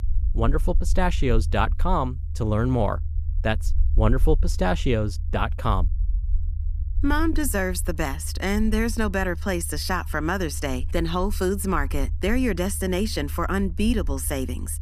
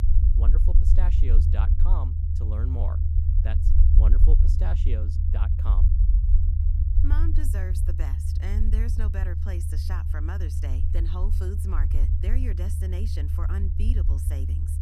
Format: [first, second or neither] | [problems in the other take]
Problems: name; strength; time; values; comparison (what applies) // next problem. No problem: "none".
first | low rumble; loud; throughout; 1 dB below the speech; faint in the first